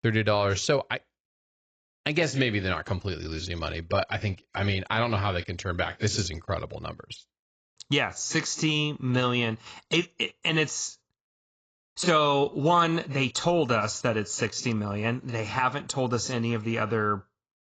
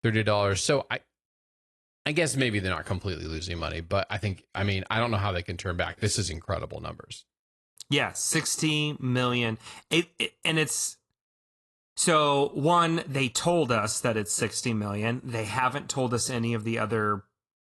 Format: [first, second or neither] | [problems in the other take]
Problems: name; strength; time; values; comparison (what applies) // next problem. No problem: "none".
second | garbled, watery; badly; nothing above 7.5 kHz; slightly in the second